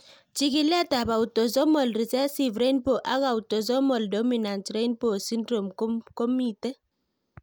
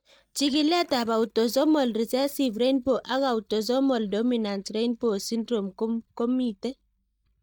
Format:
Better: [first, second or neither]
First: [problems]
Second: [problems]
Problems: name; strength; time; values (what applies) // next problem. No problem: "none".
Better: first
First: none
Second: noise reduction (neural mask model DeepFilterNet 3)